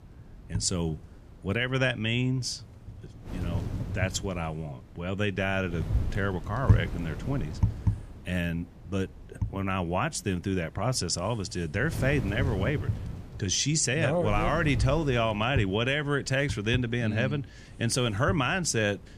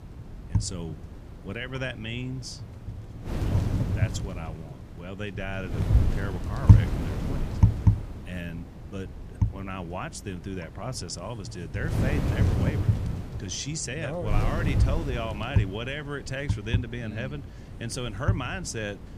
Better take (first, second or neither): first